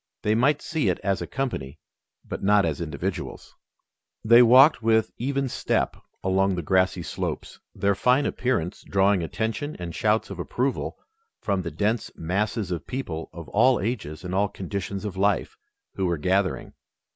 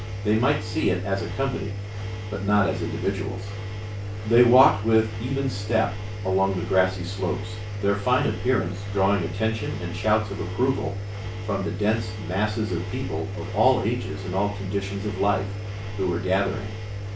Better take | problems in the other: first | background sound (Engine); 6 dB below the speech // room echo; dies away in 0.3 s

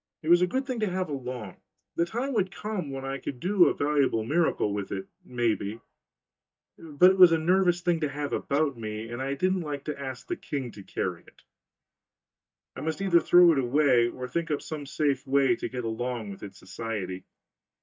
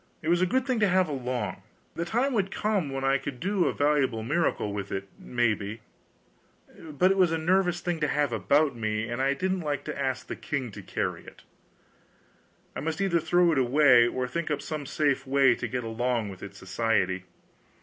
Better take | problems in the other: second | noise reduction (neural mask model DeepFilterNet 3)

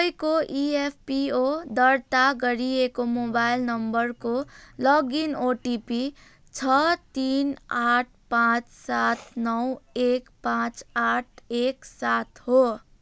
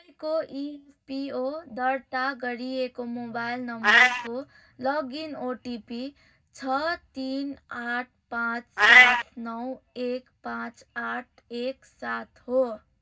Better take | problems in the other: first | noise reduction (neural mask model DeepFilterNet 3)

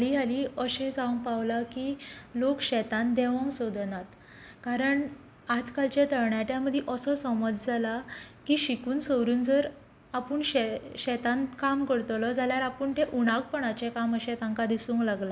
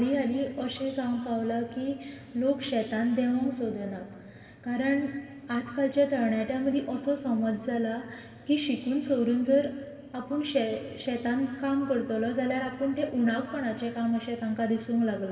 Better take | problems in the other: first | room echo; dies away in 2 s

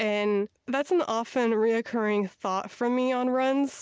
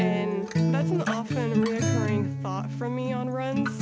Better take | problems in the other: first | background sound (Acoustic guitar); 5 dB above the speech

